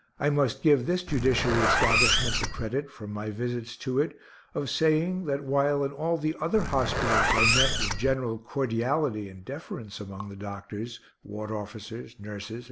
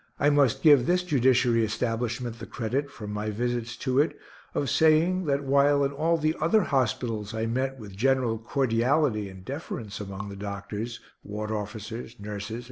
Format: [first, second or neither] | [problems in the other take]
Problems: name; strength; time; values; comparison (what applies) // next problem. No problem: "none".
second | background sound (Zipper (clothing)); 2 dB above the speech